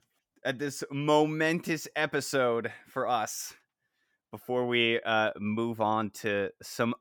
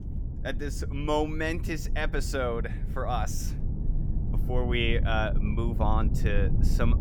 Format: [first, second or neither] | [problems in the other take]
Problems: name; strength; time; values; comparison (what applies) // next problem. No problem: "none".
first | low rumble; noticeable; throughout; 15 dB below the speech